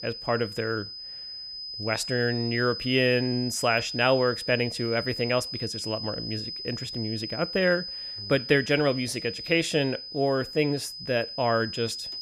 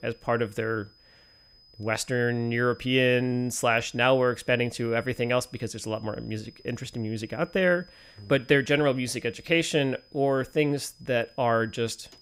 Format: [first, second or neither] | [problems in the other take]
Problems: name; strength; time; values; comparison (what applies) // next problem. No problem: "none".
second | high-pitched whine; loud; throughout; 5 kHz, 7 dB below the speech; faint in the second